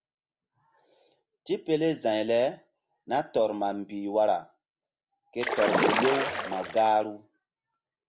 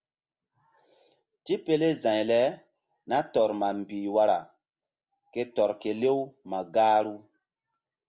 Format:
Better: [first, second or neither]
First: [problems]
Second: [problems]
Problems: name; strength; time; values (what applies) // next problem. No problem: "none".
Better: second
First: background sound (Splash, splatter); 1 dB above the speech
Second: none